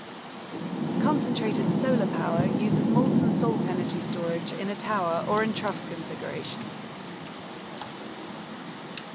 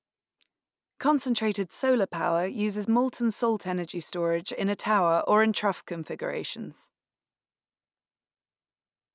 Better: second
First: background sound (Rain); 3 dB above the speech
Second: none

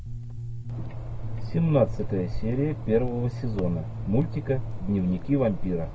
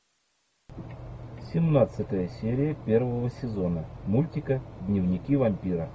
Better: second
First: background sound (Bass guitar + Cricket); 4 dB below the speech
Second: none

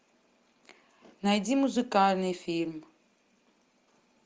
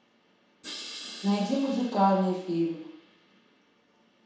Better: first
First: none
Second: background sound (Crash cymbal); 16 dB below the speech // room echo; dies away in 0.7 s

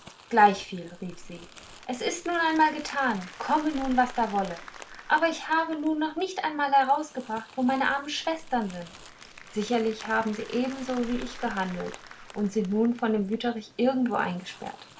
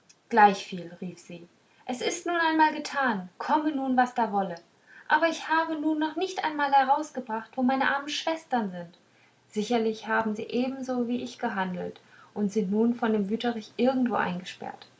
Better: second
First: background sound (Applause + Crumpling, crinkling); 18 dB below the speech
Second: none

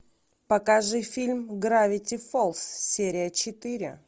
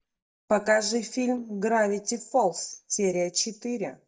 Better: first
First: none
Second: noise reduction (neural mask model DeepFilterNet 3)

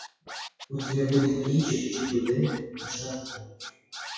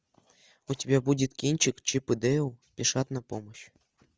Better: second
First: noise reduction (classical method WPE with log-MMSE)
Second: none

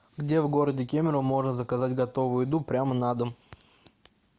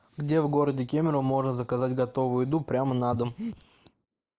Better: first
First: none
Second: noise reduction (neural mask model Resemble Enhance denoiser)

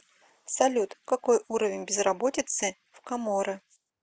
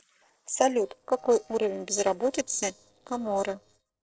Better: first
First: none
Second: noise reduction (neural separator model SepFormer DNS4)

